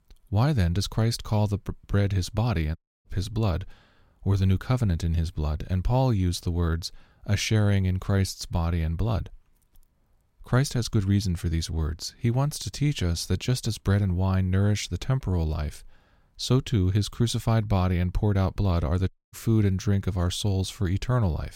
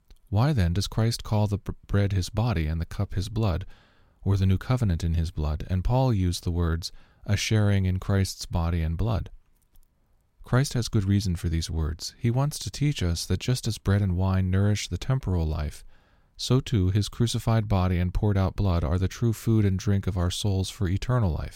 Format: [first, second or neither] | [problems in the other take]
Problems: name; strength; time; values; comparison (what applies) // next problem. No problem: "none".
second | audio cutting out; at 3 s and at 19 s